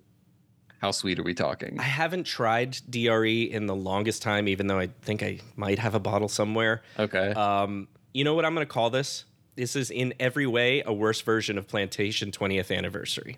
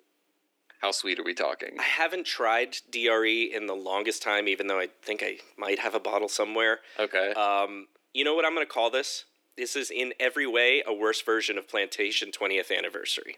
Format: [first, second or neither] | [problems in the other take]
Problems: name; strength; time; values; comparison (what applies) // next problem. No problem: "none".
first | thin; somewhat; fading below 300 Hz